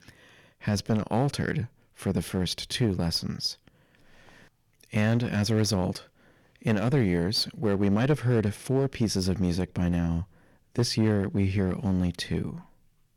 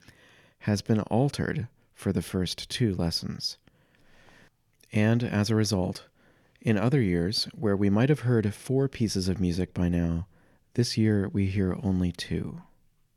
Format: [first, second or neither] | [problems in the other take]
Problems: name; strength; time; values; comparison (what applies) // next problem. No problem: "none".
second | distortion; slight; 6% of the sound clipped